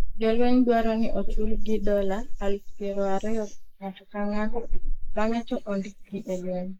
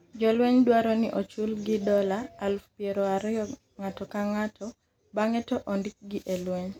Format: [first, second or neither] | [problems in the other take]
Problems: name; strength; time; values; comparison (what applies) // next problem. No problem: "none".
second | noise reduction (neural mask model Resemble Enhance denoiser)